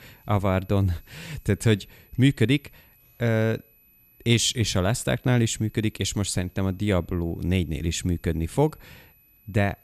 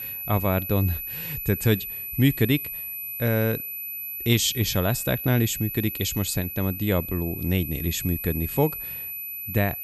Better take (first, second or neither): first